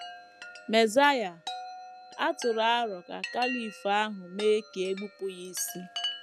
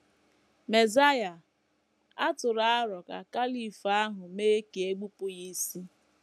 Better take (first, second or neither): second